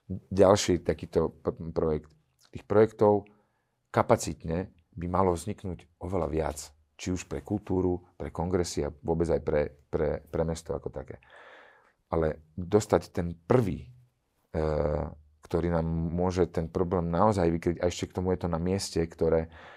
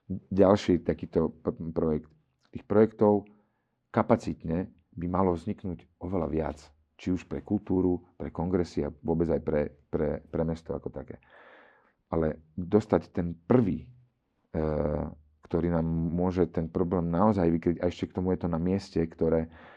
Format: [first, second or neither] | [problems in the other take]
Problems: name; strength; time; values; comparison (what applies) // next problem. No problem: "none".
first | muffled; slightly; fading above 3.5 kHz